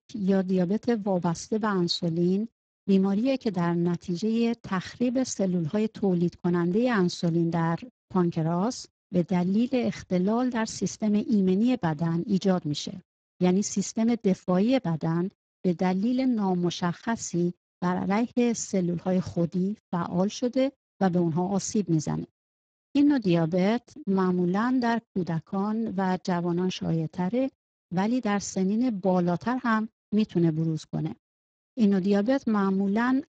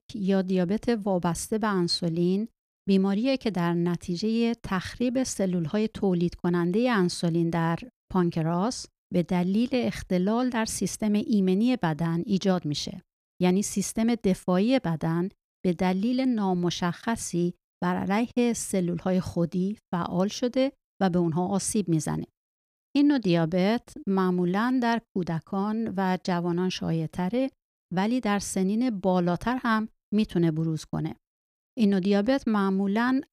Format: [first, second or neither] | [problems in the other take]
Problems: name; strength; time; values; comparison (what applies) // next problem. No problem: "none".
second | garbled, watery; badly; nothing above 7.5 kHz